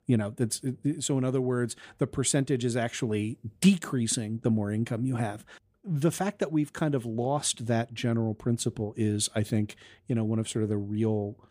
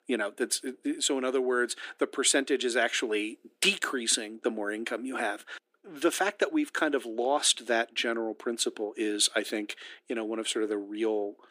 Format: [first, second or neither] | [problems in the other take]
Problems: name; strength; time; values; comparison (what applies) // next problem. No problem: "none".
first | thin; somewhat; fading below 300 Hz